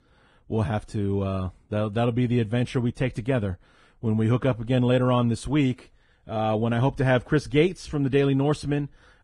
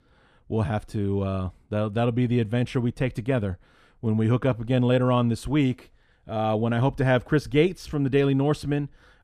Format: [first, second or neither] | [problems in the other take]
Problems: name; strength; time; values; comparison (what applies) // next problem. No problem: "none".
second | garbled, watery; badly; nothing above 10 kHz